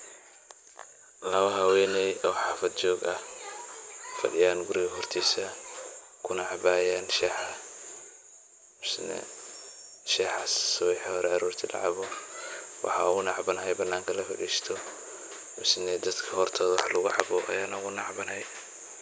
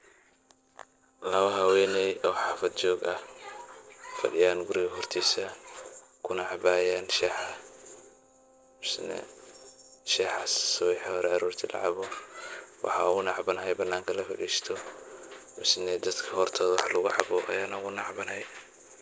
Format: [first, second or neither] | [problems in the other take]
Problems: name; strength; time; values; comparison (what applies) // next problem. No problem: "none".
first | noise reduction (neural separator model SepFormer DNS4)